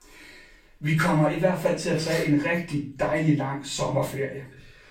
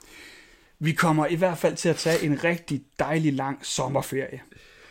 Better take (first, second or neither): second